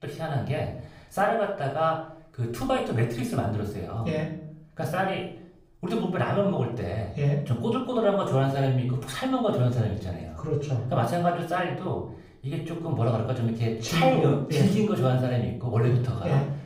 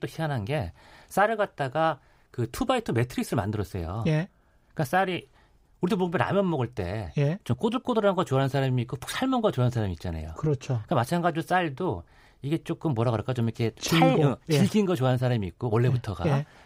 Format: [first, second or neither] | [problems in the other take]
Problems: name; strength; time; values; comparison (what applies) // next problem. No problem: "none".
second | off-mic speech; far // room echo; noticeable; dies away in 0.5 s